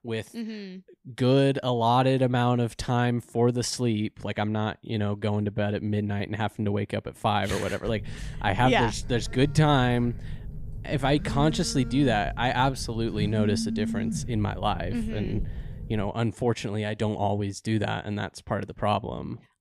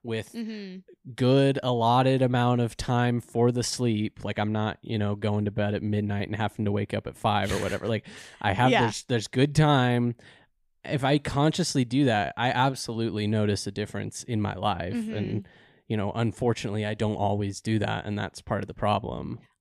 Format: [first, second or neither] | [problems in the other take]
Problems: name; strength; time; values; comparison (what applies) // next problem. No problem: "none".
second | phone ringing; noticeable; from 8 to 16 s; peak 3 dB below the speech